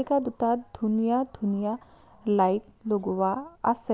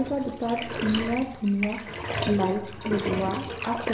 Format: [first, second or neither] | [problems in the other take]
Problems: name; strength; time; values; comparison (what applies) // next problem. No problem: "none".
first | background sound (Bathtub (filling or washing)); 5 dB below the speech // room echo; dies away in 0.9 s